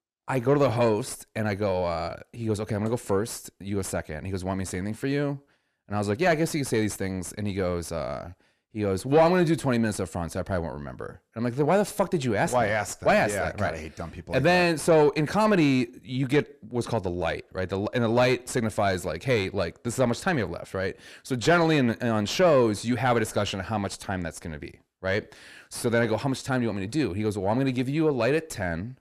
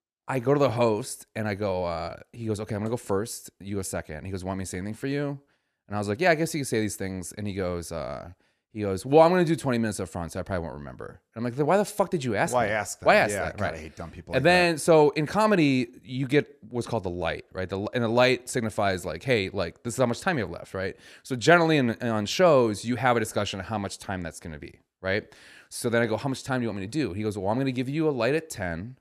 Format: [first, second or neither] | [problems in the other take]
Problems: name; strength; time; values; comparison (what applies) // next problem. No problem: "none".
second | distortion; slight; 10 dB below the speech